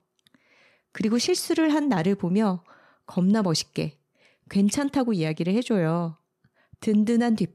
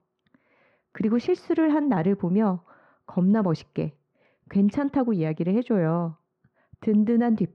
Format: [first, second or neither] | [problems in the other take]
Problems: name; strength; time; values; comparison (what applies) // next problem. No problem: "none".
first | muffled; very; fading above 1.5 kHz